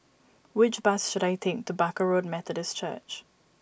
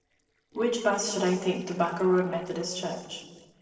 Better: first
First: none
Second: noise reduction (neural separator model SepFormer DNS4)

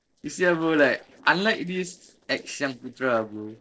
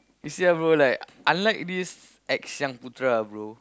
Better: second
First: noise reduction (neural separator model SepFormer DNS4)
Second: none

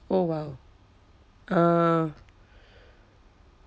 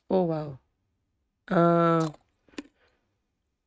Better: first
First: none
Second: noise reduction (neural mask model RNNoise)

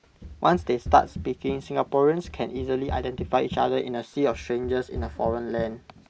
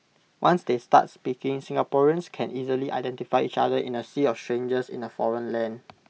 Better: second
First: background sound (Run); 13 dB below the speech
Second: none

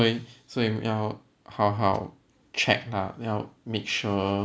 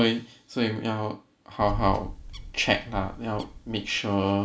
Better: first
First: none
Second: background sound (Bird); 9 dB below the speech // room echo; dies away in 0.2 s

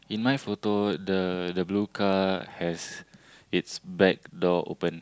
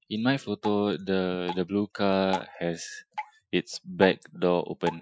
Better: first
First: none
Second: noise reduction (classical method Wiener filter)

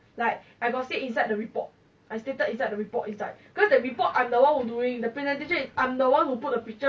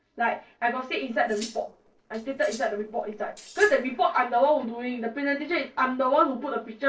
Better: first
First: none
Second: noise reduction (neural separator model SepFormer DNS4)

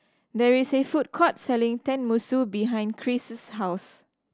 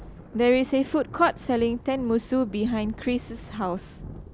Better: first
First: none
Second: background sound (Thunder); 16 dB below the speech

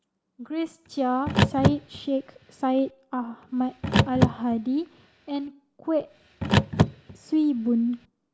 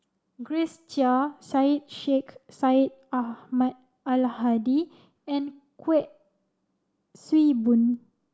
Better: second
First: background sound (Car); as loud as the speech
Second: none

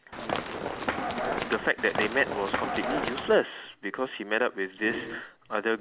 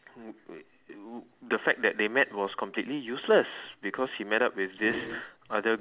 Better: second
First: background sound (Run); 2 dB below the speech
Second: none

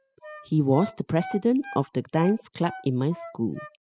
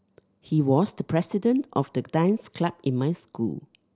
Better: second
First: noise reduction (classical method spectral subtraction)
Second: none

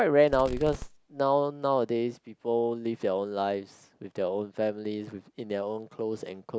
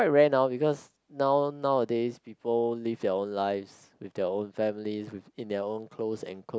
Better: second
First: background sound (Fireworks); 11 dB below the speech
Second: none

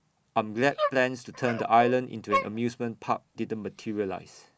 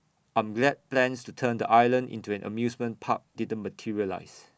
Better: second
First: background sound (Dog); 7 dB below the speech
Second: none

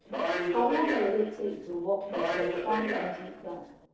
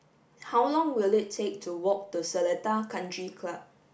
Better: second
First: noise reduction (neural separator model SepFormer DNS4)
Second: none

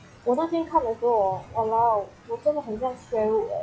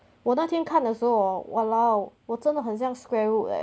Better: second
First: noise reduction (classical method log-MMSE)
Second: none

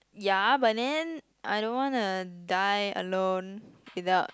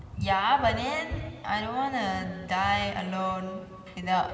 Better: first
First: none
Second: background sound (Dog); 11 dB below the speech // room echo; dies away in 2 s

